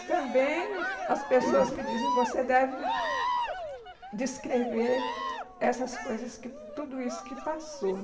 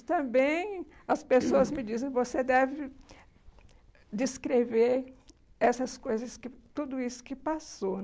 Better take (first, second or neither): second